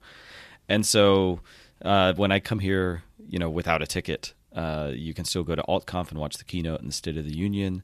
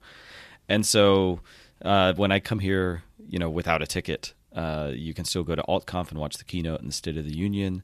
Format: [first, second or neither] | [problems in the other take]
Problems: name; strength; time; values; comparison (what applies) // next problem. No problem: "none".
neither | none